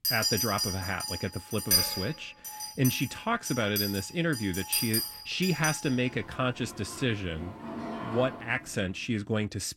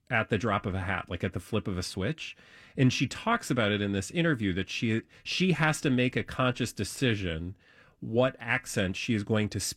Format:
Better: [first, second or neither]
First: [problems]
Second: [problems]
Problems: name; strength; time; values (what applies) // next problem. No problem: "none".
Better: second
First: household noises; loud; throughout; 1 dB below the speech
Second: none